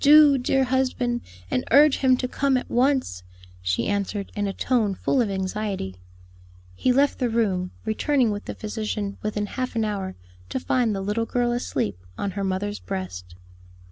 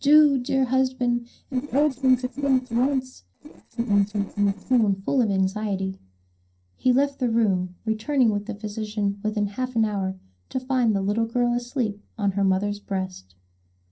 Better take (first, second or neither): first